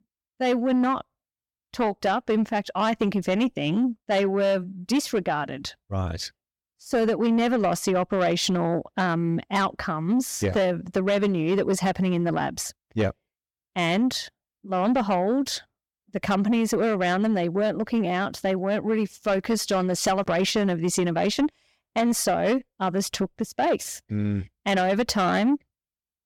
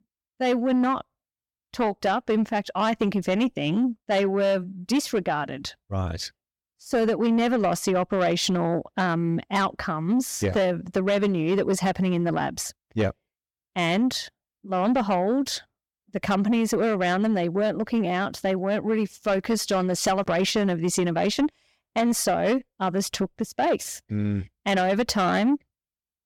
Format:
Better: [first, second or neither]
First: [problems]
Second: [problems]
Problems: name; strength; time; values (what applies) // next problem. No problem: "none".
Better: neither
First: distortion; slight; 10 dB below the speech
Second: distortion; slight; 10 dB below the speech